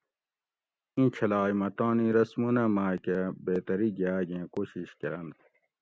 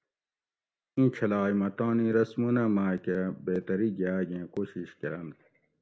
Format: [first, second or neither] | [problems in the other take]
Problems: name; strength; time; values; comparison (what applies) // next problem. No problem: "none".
first | room echo; dies away in 0.4 s